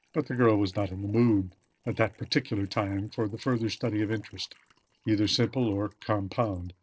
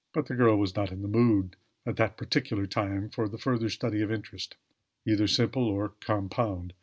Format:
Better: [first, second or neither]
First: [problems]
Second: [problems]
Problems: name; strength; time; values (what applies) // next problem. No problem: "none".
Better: second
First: noise reduction (neural separator model SepFormer DNS4)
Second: none